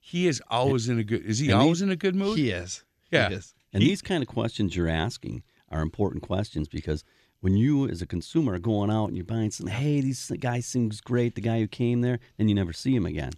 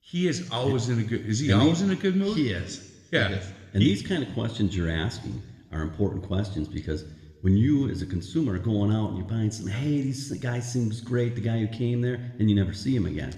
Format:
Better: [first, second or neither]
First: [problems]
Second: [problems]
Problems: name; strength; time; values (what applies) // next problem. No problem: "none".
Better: first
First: none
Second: room echo; slight; dies away in 0.9 s